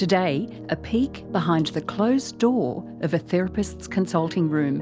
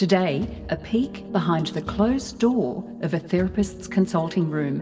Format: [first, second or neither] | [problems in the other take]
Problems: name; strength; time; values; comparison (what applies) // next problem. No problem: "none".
first | background sound (Bass drum / Thump, thud); 18 dB below the speech // room echo; dies away in 1.2 s